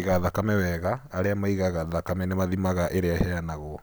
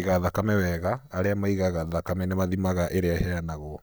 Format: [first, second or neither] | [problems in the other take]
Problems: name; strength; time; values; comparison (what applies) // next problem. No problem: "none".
first | noise reduction (neural mask model DeepFilterNet 3)